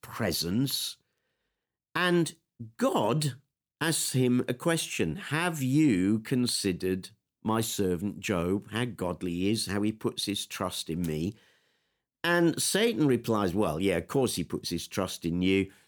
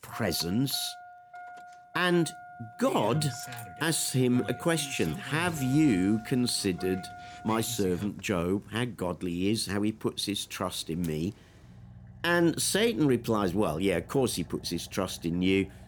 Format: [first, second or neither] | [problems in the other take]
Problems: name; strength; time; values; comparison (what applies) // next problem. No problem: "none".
first | traffic noise; noticeable; throughout; 15 dB below the speech